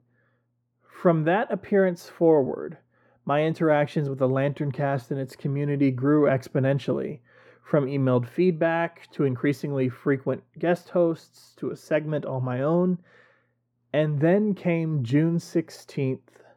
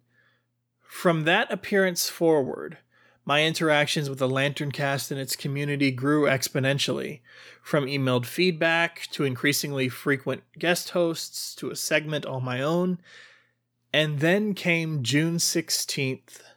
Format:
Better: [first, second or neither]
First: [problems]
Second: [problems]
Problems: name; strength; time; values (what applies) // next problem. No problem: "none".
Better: second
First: muffled; very; fading above 2 kHz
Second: none